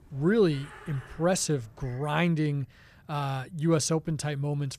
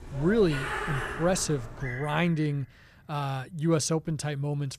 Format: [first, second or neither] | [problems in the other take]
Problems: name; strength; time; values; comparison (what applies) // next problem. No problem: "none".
first | animal sounds; loud; until 1.5 s; 7 dB below the speech; faint in the first